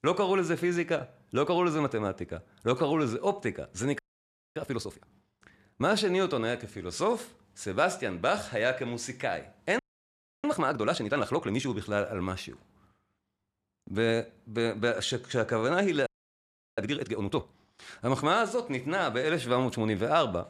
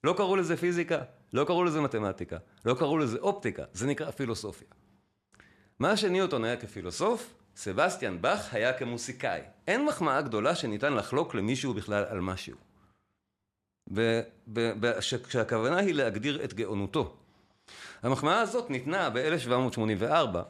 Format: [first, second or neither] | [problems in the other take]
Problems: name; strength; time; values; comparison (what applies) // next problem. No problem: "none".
second | audio freezing; at 4 s for 0.5 s, at 10 s for 0.5 s and at 16 s for 0.5 s